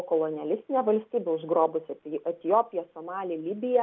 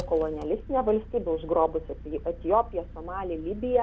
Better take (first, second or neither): first